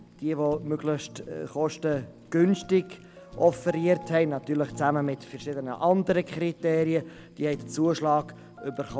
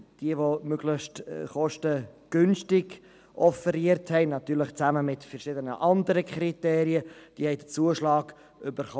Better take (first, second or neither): second